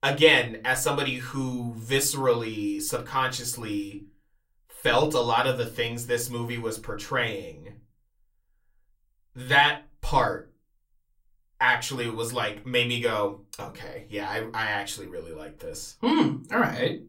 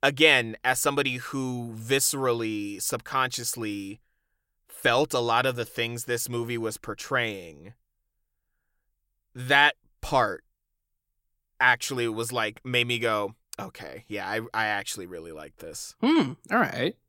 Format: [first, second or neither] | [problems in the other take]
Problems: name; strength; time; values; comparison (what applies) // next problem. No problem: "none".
second | off-mic speech; somewhat distant // room echo; very slight; dies away in 0.3 s